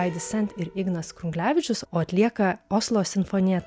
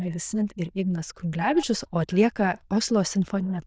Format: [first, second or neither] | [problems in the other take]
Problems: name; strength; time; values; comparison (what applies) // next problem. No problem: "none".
first | noise reduction (neural diffusion model UNIVERSE++)